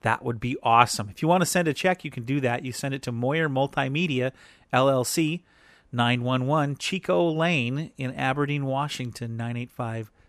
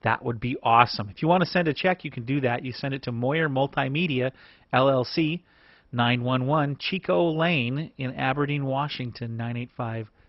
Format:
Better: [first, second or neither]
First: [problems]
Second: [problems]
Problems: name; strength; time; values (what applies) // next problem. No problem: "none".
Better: first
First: none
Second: garbled, watery; badly; nothing above 5.5 kHz